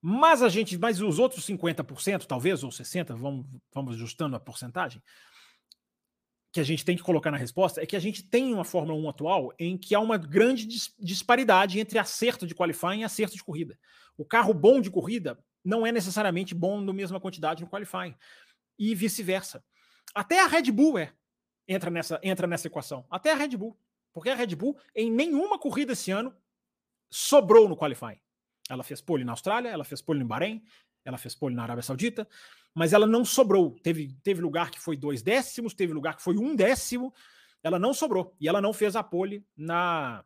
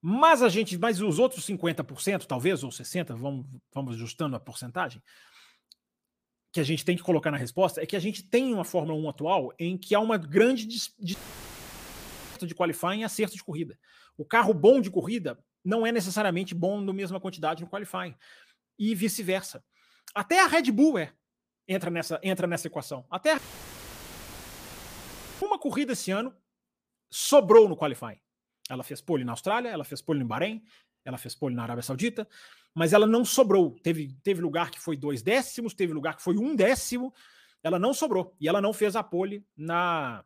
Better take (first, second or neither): first